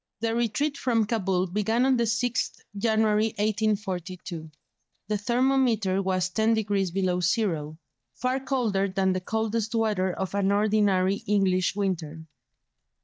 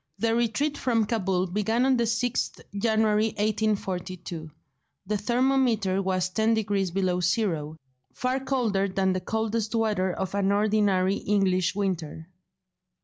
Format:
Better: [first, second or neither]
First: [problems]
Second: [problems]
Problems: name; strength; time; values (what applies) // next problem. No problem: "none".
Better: second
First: noise reduction (neural mask model DeepFilterNet 3)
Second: none